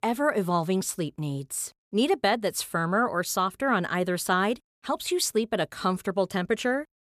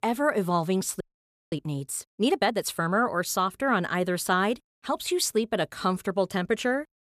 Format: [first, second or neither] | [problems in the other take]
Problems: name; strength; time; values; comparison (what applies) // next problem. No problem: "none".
first | audio freezing; at 1 s for 0.5 s